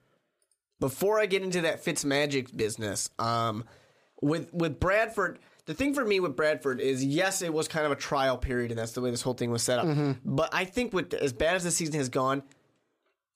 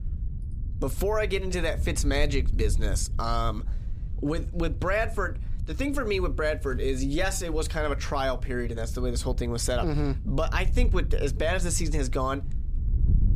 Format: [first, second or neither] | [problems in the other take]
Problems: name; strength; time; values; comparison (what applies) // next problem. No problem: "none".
first | wind noise on the microphone; occasional gusts; 20 dB below the speech